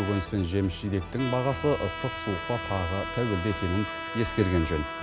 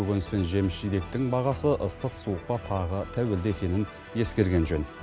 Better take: second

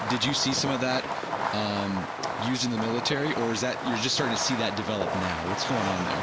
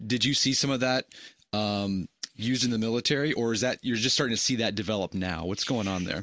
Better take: second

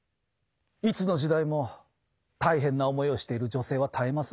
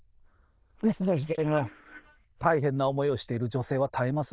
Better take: first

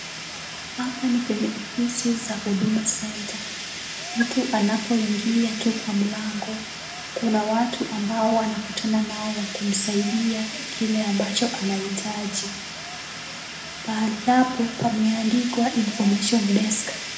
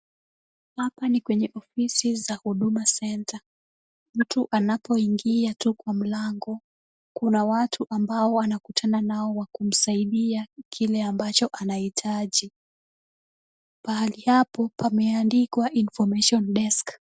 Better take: second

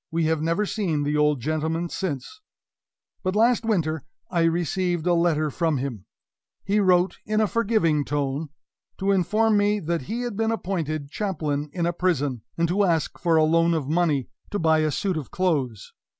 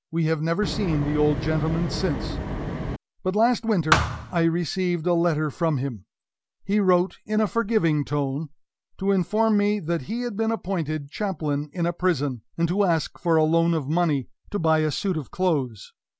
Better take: first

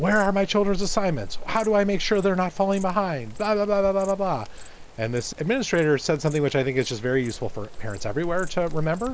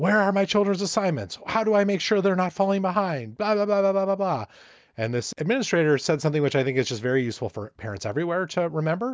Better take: second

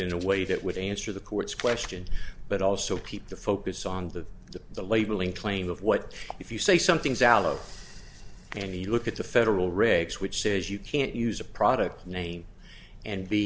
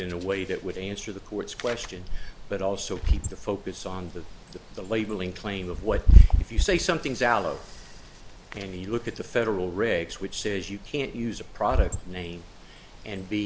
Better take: first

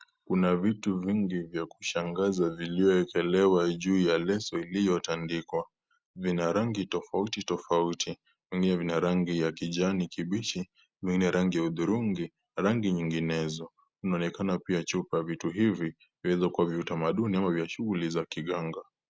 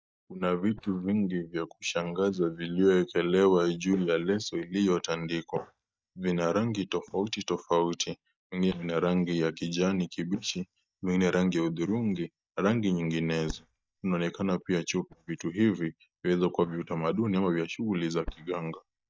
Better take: first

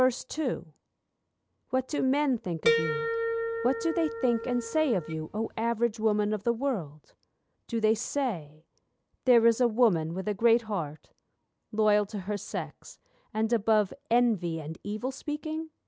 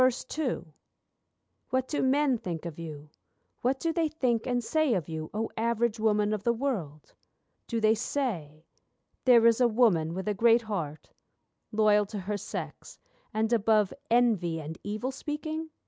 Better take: second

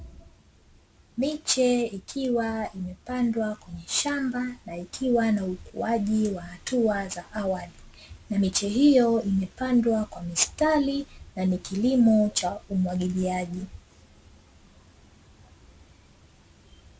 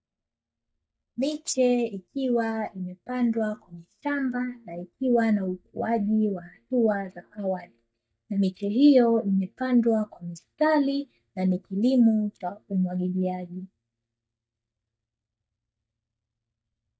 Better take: first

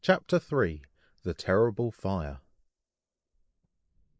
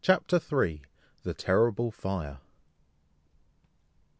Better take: second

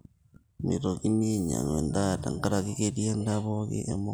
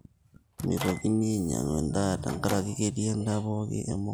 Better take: first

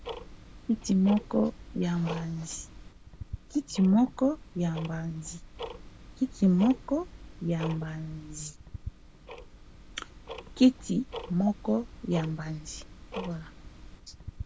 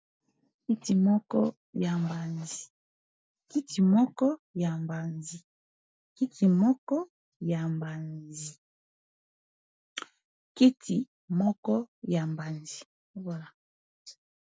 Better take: second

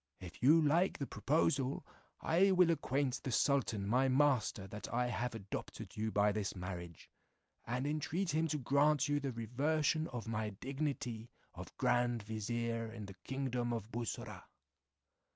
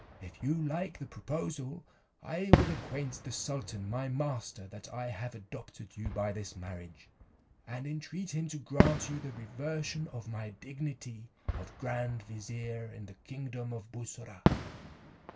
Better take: first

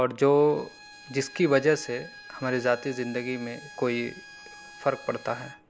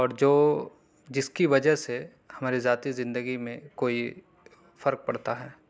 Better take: second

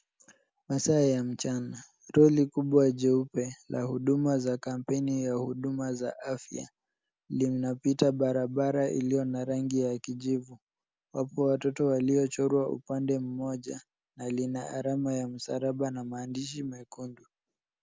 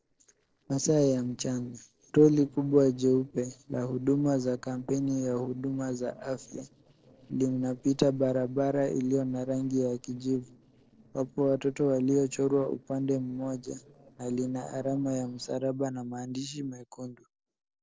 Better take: first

